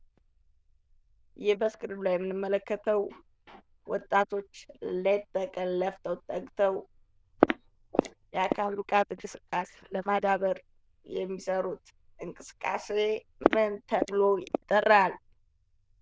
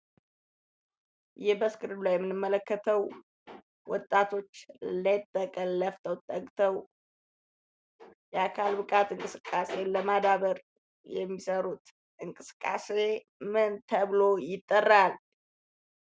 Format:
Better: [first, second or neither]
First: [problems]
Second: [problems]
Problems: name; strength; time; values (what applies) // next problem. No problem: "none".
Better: second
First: noise reduction (neural diffusion model UNIVERSE++)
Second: none